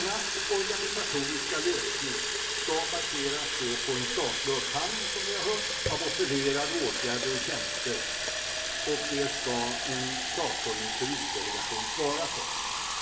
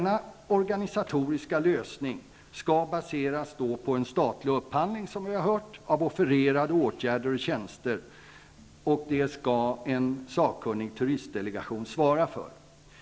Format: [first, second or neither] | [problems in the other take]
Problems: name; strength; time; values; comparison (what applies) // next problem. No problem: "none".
second | background sound (Fill (with liquid) / Water tap, faucet); 3 dB above the speech // room echo; dies away in 0.6 s